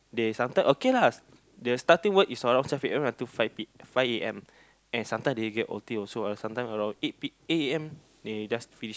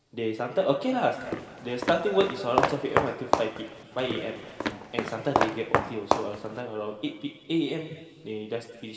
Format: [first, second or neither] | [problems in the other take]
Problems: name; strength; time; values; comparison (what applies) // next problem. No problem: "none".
first | background sound (Walk, footsteps); as loud as the speech // room echo; dies away in 2.2 s